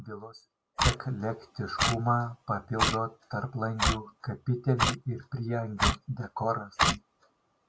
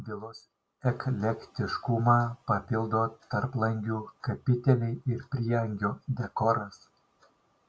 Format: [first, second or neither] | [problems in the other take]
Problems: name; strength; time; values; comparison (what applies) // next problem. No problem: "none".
second | background sound (Clock); as loud as the speech